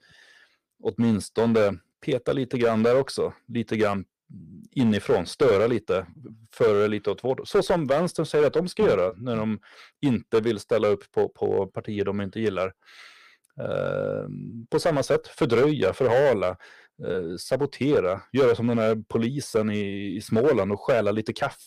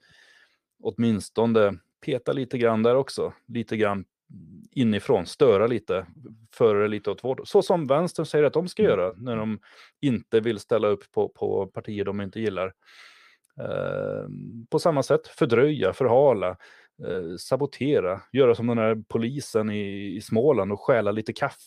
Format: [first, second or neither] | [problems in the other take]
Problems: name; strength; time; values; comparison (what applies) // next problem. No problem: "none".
second | distortion; slight; 5% of the sound clipped